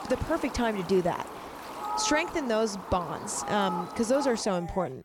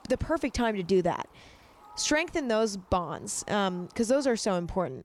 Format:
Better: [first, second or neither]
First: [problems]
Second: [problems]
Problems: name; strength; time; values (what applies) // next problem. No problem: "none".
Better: second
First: animal sounds; loud; throughout; 8 dB below the speech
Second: animal sounds; faint; throughout; 25 dB below the speech